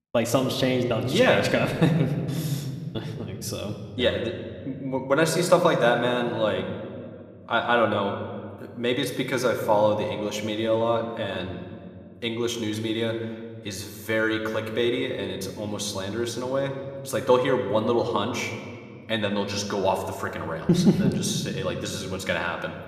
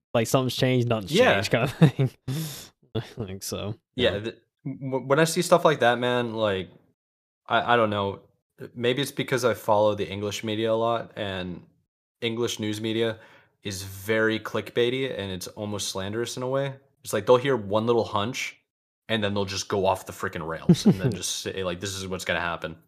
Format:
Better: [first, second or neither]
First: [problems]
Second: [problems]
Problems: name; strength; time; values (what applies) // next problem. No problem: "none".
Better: second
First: room echo; slight; dies away in 1.7 s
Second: none